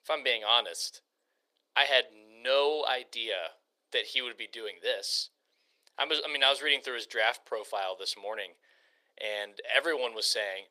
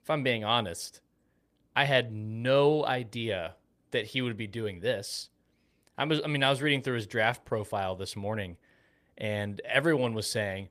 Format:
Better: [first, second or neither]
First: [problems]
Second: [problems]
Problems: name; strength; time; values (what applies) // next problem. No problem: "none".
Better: second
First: thin; very; fading below 450 Hz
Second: none